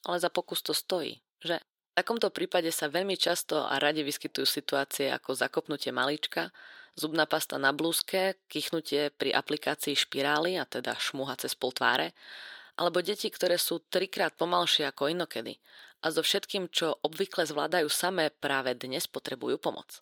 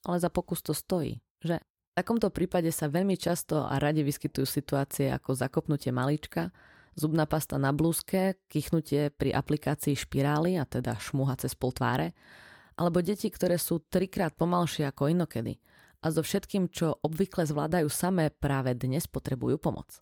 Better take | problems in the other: second | thin; somewhat; fading below 450 Hz

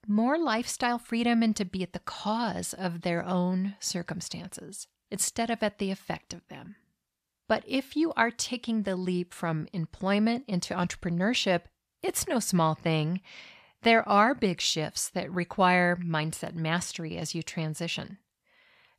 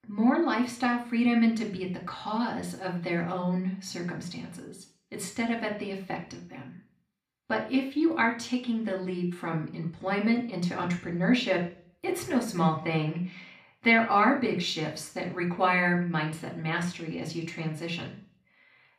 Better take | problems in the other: first | room echo; slight; dies away in 0.5 s // off-mic speech; somewhat distant

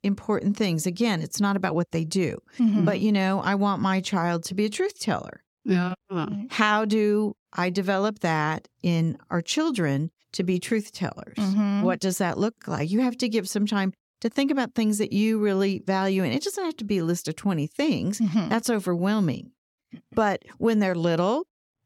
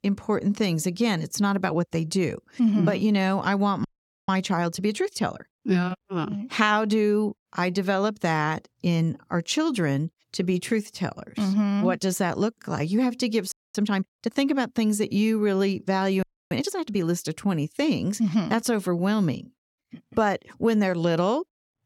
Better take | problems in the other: first | audio freezing; at 4 s, at 14 s and at 16 s

